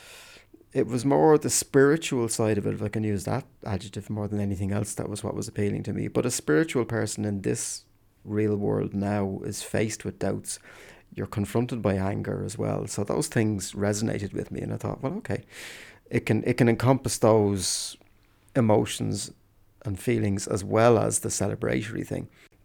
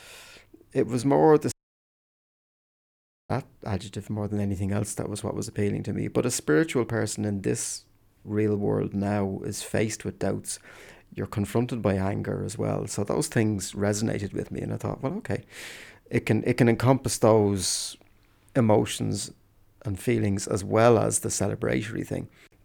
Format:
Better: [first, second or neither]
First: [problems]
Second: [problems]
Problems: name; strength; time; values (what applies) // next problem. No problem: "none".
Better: first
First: none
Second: audio cutting out; at 1.5 s for 2 s